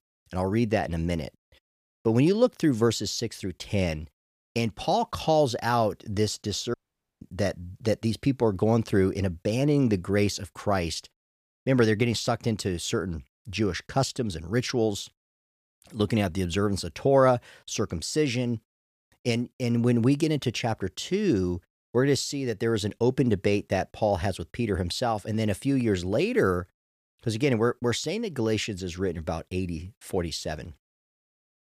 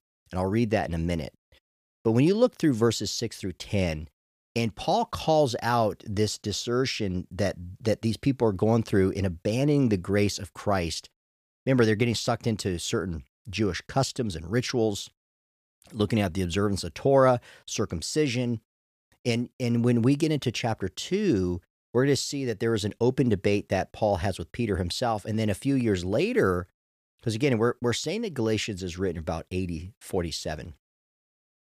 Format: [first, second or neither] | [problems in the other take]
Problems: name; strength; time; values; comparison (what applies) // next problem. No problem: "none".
second | audio cutting out; at 6.5 s